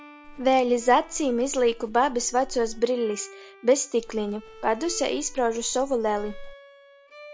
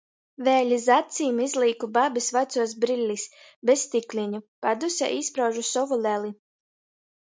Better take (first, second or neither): second